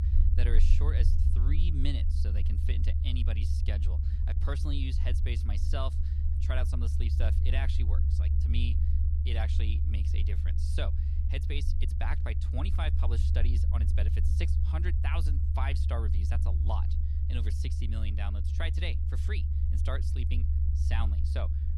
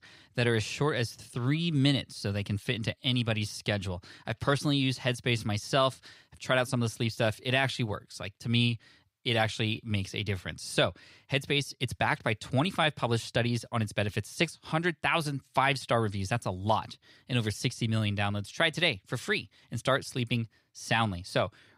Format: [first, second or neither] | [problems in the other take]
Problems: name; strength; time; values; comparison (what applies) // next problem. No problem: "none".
second | low rumble; loud; throughout; 5 dB below the speech